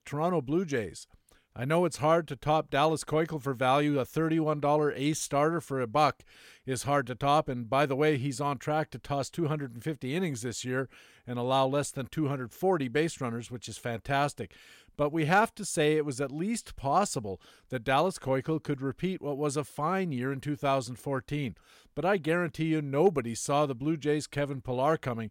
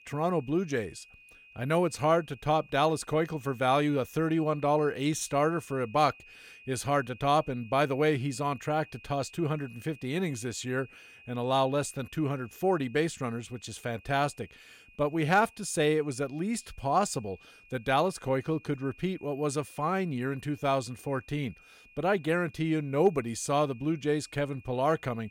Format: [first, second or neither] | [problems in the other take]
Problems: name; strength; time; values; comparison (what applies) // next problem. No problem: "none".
first | high-pitched whine; faint; throughout; 2.5 kHz, 25 dB below the speech